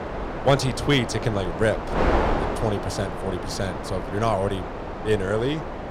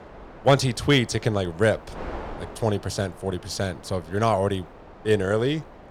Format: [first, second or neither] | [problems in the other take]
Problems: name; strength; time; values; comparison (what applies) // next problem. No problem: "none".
second | wind noise on the microphone; heavy; 3 dB below the speech; occasional gusts in the second